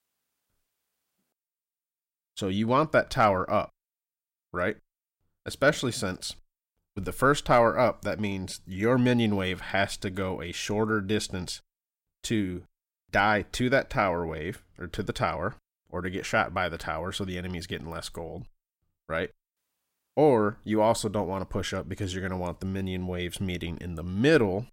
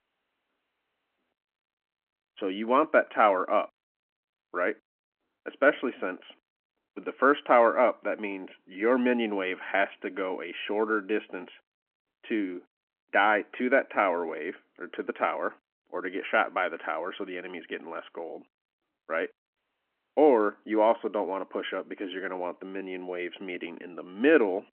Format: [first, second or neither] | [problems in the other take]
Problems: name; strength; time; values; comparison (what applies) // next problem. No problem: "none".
first | phone-call audio